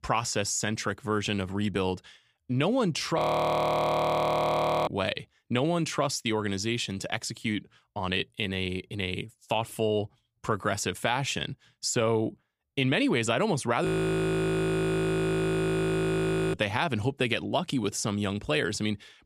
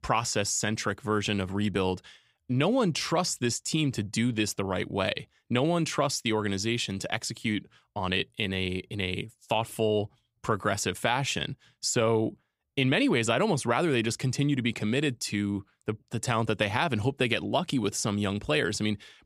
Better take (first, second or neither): second